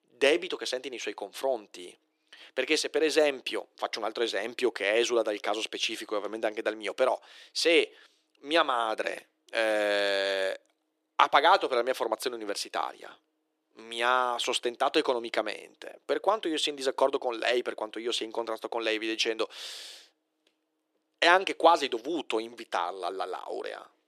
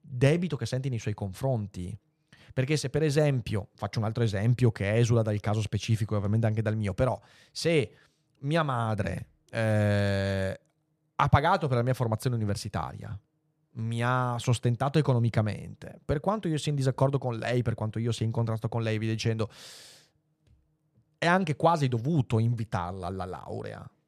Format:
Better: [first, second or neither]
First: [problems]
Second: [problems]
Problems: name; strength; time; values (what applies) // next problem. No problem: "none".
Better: second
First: thin; very; fading below 350 Hz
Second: none